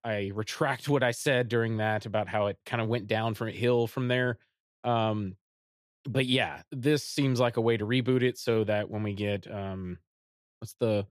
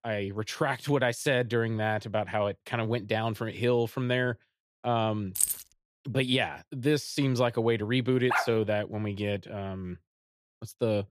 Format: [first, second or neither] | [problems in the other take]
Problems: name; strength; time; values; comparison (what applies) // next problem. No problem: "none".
first | jangling keys; loud; at 5.5 s; peak 2 dB above the speech // dog barking; noticeable; at 8.5 s; peak 1 dB below the speech